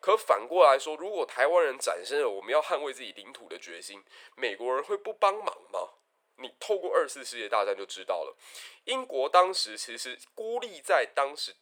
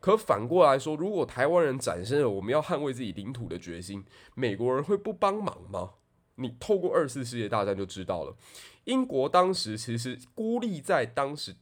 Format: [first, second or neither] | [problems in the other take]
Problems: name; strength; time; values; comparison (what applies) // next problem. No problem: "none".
second | thin; very; fading below 450 Hz